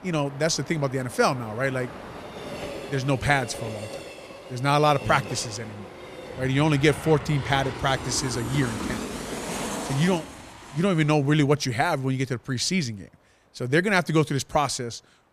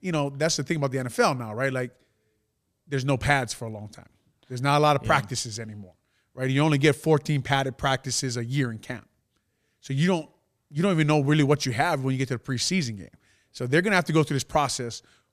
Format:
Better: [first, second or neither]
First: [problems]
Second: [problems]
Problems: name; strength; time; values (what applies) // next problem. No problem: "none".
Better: second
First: train or aircraft noise; noticeable; throughout; 10 dB below the speech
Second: none